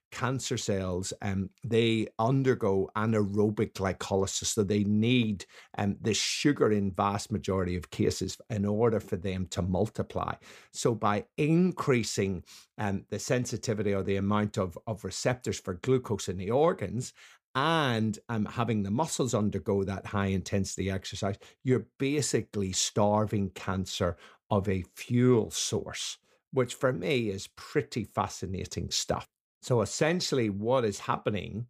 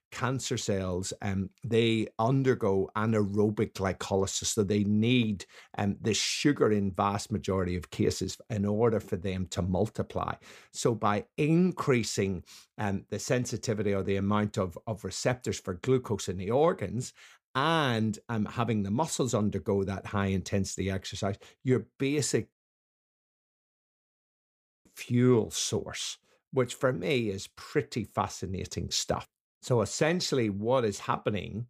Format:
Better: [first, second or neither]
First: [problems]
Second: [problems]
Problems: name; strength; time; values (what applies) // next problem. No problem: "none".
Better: first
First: none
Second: audio cutting out; at 23 s for 2.5 s